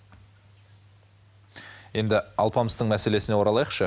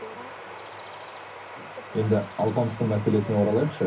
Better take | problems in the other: first | background sound (Bird vocalization, bird call, bird song); 13 dB below the speech // room echo; dies away in 0.3 s

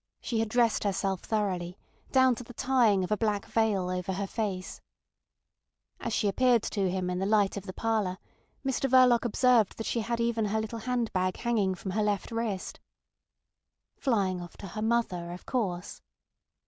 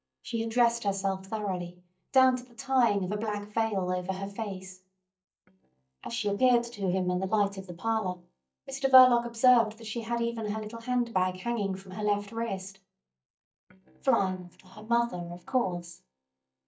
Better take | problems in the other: first | noise reduction (neural mask model DeepFilterNet 3)

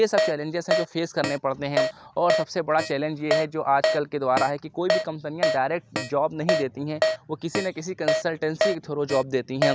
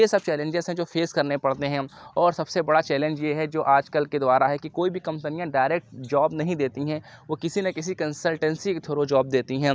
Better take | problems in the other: second | background sound (Keyboard (musical)); 1 dB below the speech

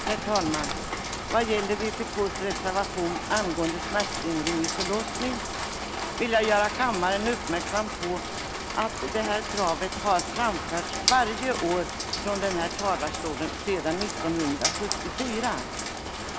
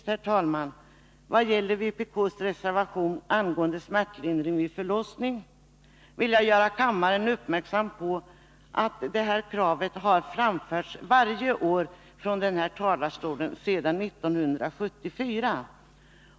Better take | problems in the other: second | background sound (Rain); 3 dB below the speech

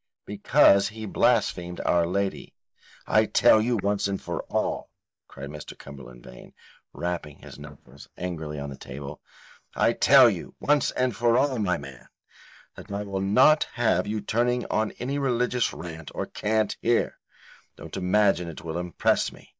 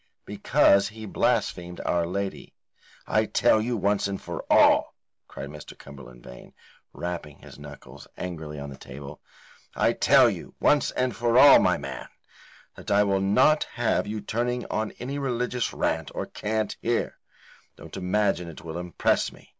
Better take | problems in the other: second | noise reduction (neural mask model DeepFilterNet 3)

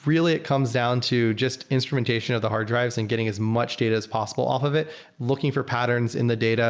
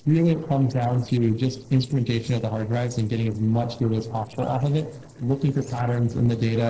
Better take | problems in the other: first | noise reduction (neural separator model SepFormer DNS4)

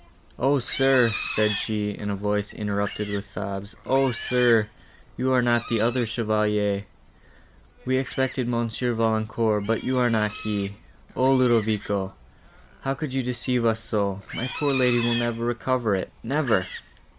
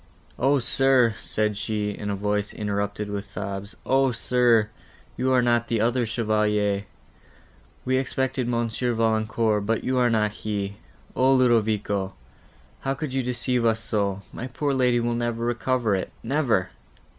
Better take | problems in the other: second | background sound (Livestock, farm animals, working animals); 14 dB below the speech

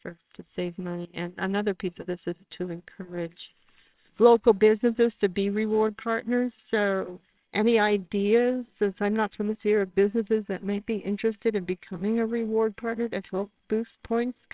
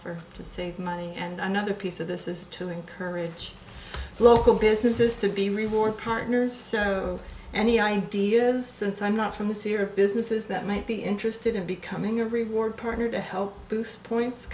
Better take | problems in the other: second | noise reduction (neural separator model SepFormer WHAMR!)

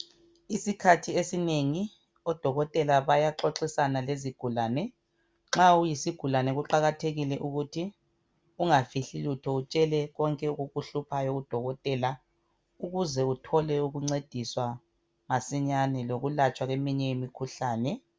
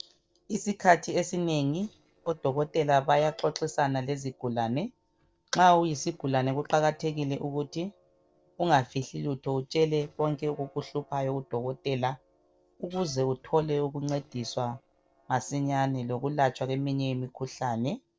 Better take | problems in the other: first | noise reduction (neural separator model SepFormer DNS4)

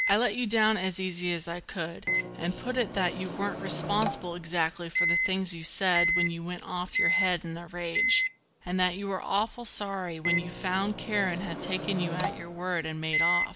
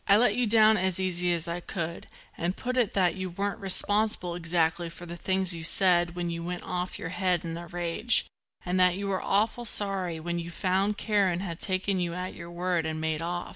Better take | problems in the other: second | background sound (Microwave oven); 2 dB below the speech

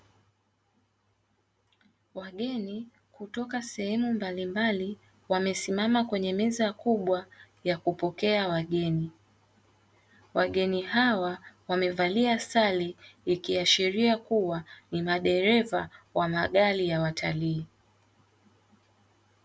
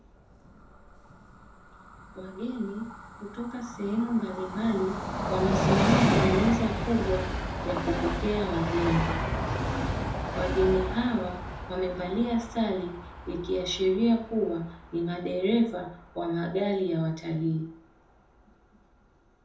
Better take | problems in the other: first | background sound (Train); 3 dB below the speech // room echo; dies away in 0.5 s

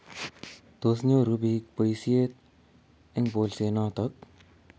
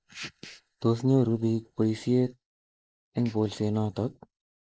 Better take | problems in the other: first | noise reduction (neural mask model Resemble Enhance denoiser)

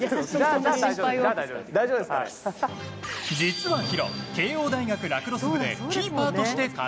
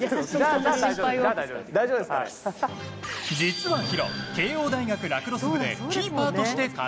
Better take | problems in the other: first | background sound (Car); 18 dB below the speech

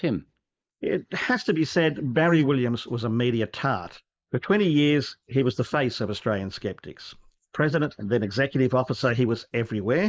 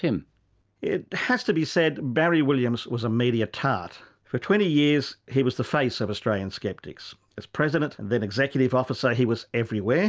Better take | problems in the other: second | noise reduction (neural mask model Resemble Enhance denoiser)

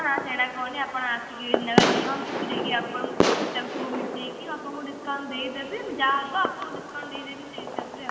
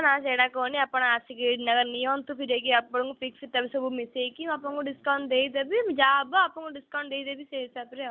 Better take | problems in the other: second | background sound (Fireworks); 1 dB above the speech // room echo; dies away in 2 s

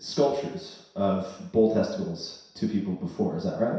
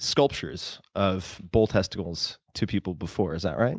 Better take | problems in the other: second | room echo; dies away in 0.7 s

